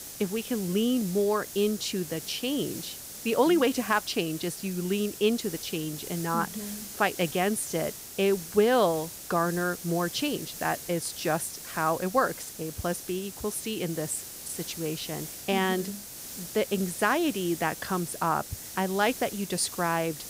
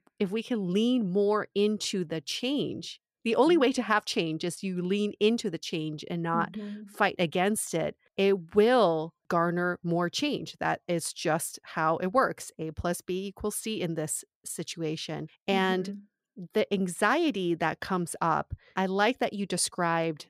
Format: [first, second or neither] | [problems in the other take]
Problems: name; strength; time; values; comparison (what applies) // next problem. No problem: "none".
second | hiss; loud; throughout; 10 dB below the speech